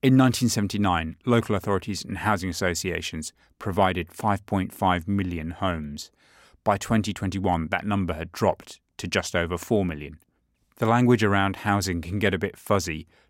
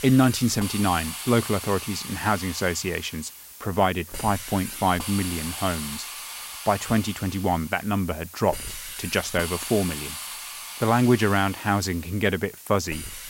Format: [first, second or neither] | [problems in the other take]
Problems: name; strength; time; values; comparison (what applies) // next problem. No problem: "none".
first | hiss; loud; throughout; 9 dB below the speech